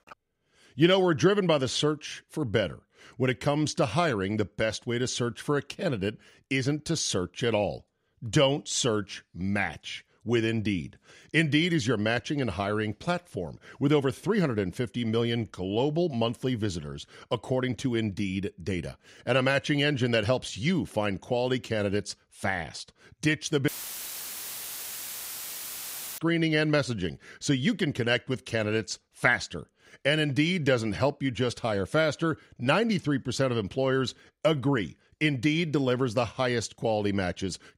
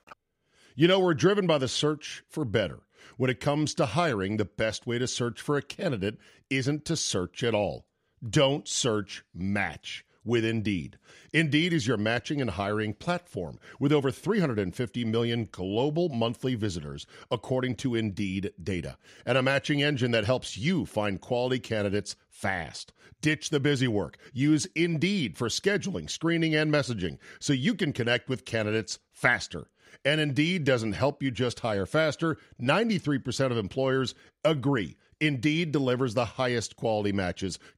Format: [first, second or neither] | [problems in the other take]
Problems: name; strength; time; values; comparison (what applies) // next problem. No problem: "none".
second | audio cutting out; filled with static; at 24 s for 2.5 s